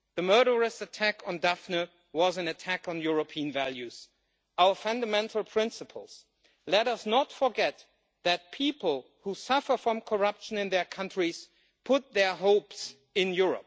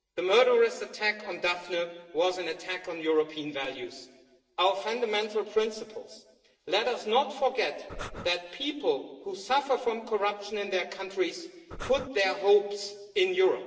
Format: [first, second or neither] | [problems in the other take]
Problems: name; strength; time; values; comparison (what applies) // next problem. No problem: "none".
first | noise reduction (neural separator model SepFormer DNS4)